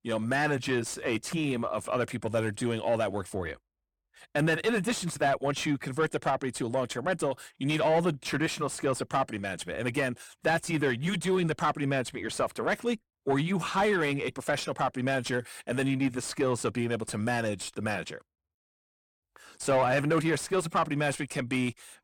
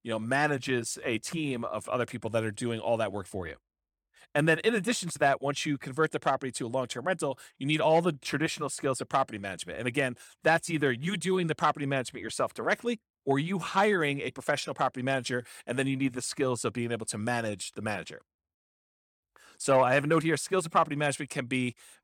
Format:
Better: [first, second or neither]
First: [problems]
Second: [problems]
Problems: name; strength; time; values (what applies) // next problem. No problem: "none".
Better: second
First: distortion; slight; 10 dB below the speech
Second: none